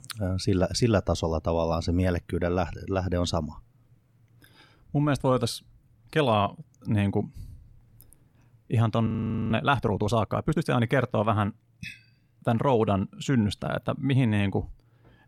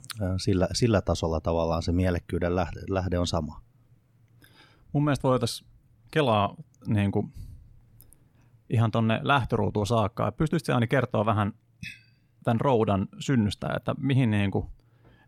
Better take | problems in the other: second | audio freezing; at 9 s

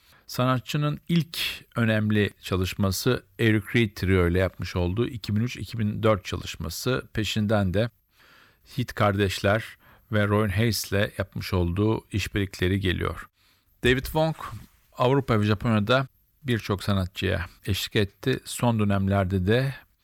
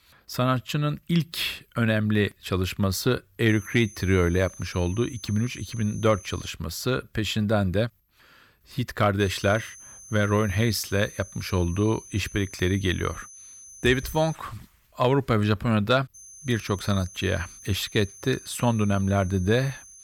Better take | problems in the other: first | high-pitched whine; noticeable; from 3.5 to 6.5 s, from 9 to 14 s and from 16 s on; 6.5 kHz, 20 dB below the speech

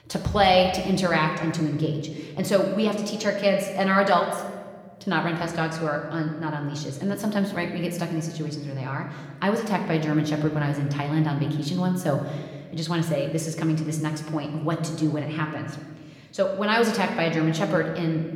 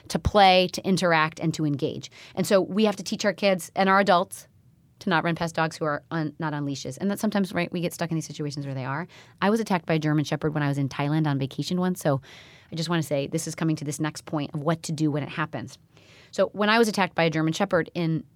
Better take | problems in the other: second | room echo; slight; dies away in 1.2 s

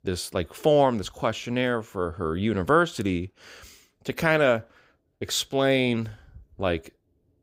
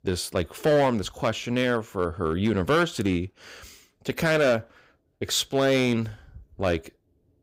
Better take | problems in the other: first | distortion; slight; 4% of the sound clipped

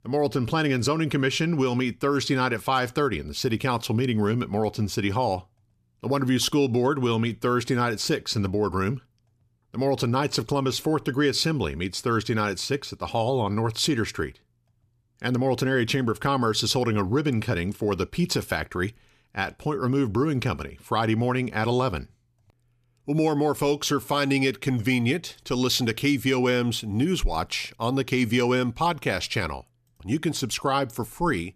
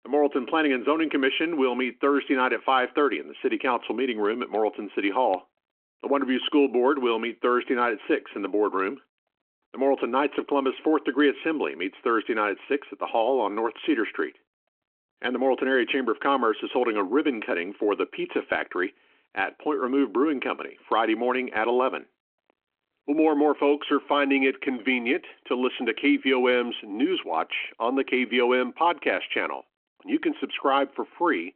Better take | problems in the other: first | phone-call audio

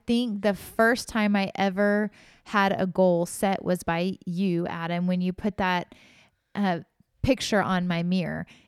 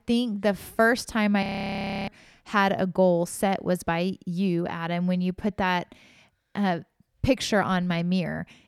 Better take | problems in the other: first | audio freezing; at 1.5 s for 0.5 s

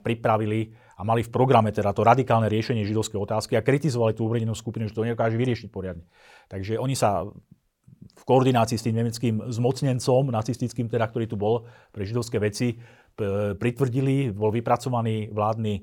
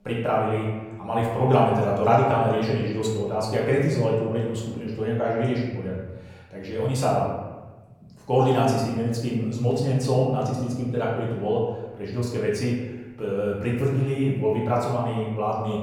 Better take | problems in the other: first | room echo; noticeable; dies away in 1.1 s // off-mic speech; far

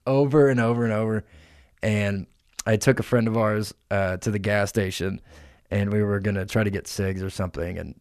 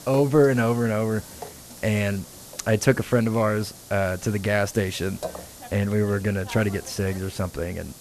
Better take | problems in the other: first | hiss; noticeable; throughout; 15 dB below the speech

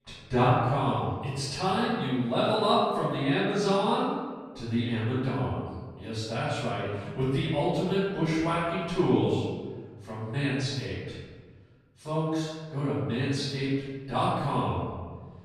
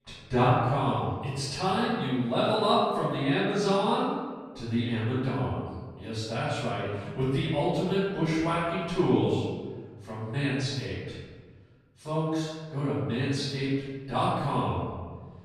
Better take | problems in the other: neither | off-mic speech; far; the same in both // room echo; strong; dies away in 1.4 s; the same in both

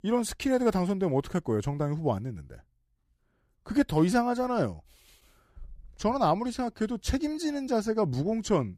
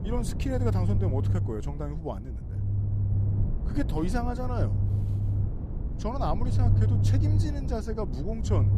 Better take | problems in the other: first | low rumble; loud; throughout; 6 dB below the speech

